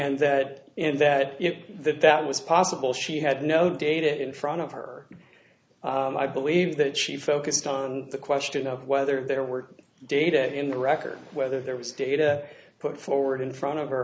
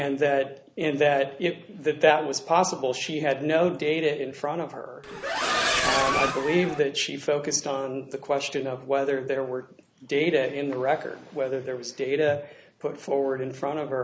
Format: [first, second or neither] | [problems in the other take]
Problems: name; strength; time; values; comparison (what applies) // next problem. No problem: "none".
first | background sound (Accelerating, revving, vroom); as loud as the speech